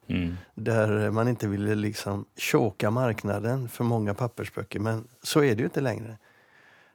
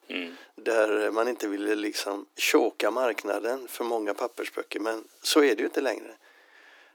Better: first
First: none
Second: thin; somewhat; fading below 300 Hz

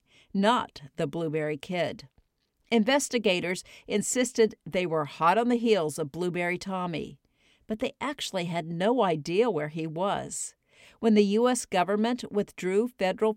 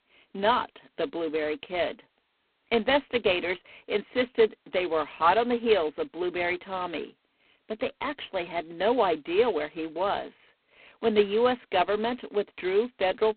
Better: first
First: none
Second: phone-call audio; poor line; nothing above 4 kHz

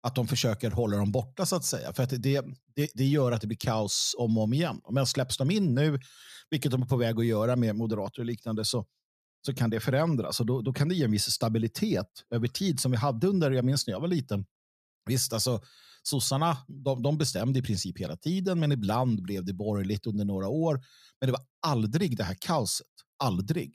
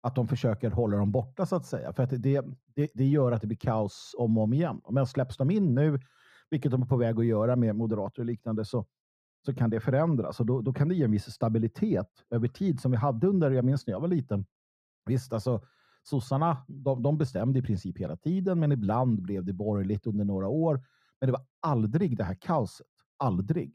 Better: first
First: none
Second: muffled; very; fading above 2.5 kHz

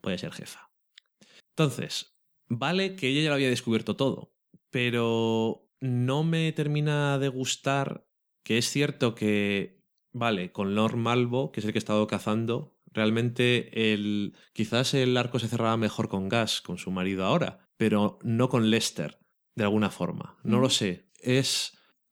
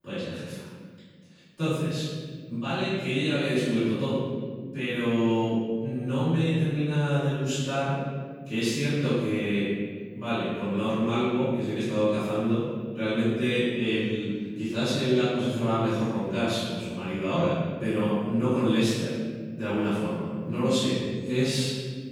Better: first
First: none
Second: off-mic speech; far // room echo; strong; dies away in 1.7 s

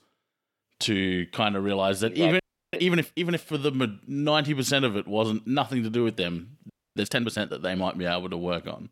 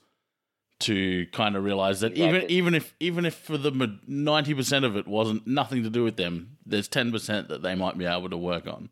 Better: second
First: audio freezing; at 2.5 s and at 6.5 s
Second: none

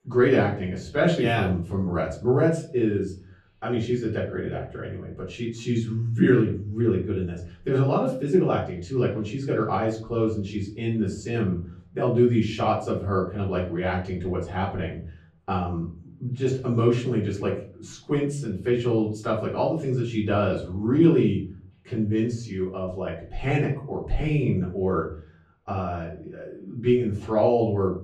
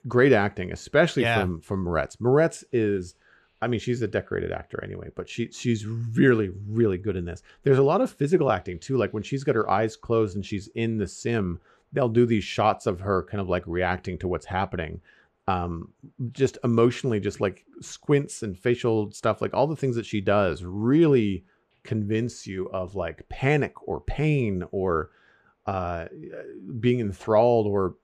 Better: second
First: off-mic speech; far // room echo; slight; dies away in 0.5 s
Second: none

